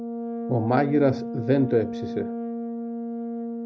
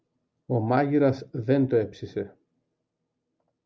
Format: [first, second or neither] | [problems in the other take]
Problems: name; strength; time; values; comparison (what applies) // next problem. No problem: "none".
second | background sound (Brass instrument); 5 dB below the speech